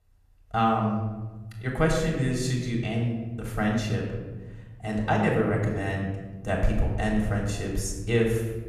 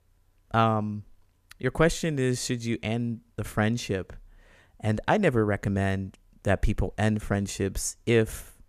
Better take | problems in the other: second | off-mic speech; far // room echo; noticeable; dies away in 1.5 s

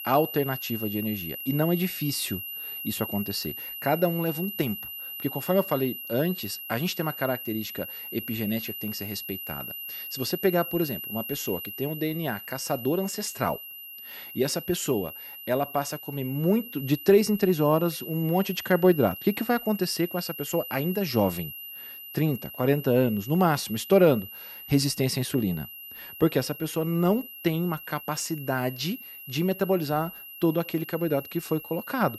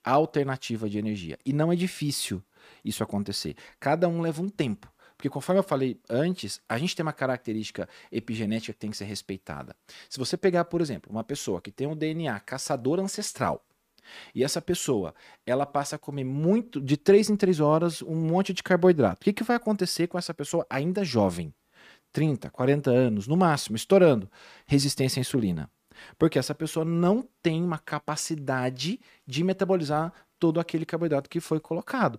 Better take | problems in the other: second | high-pitched whine; loud; throughout; 11.5 kHz, 9 dB below the speech

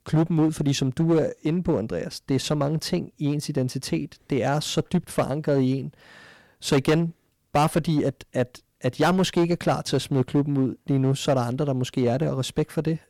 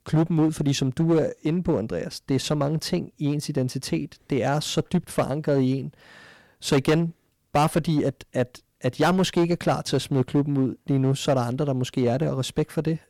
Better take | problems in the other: neither | distortion; slight; 7% of the sound clipped; the same in both

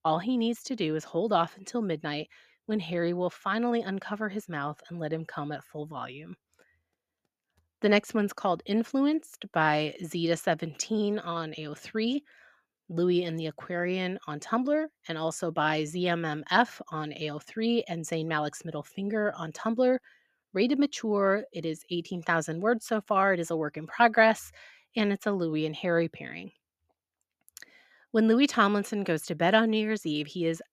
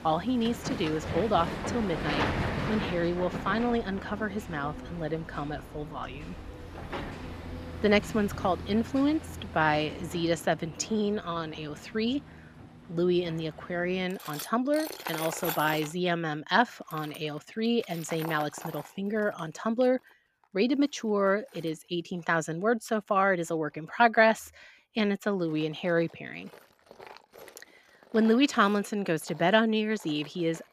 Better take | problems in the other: first | machinery noise; loud; throughout; 10 dB below the speech

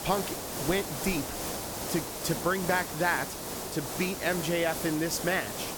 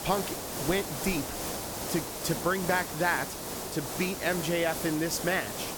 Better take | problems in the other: neither | hiss; loud; throughout; 4 dB below the speech; the same in both

